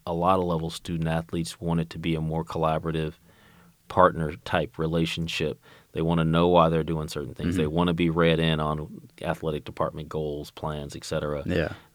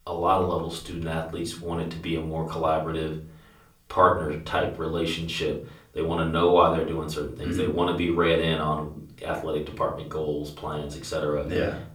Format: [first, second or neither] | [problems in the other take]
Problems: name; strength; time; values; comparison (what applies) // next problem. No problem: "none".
first | off-mic speech; far // room echo; slight; dies away in 0.3 s